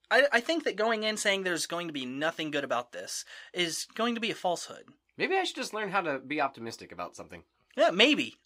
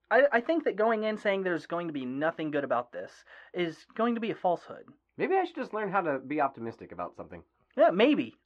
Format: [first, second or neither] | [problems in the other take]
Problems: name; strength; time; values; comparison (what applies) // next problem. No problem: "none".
first | muffled; very; fading above 3.5 kHz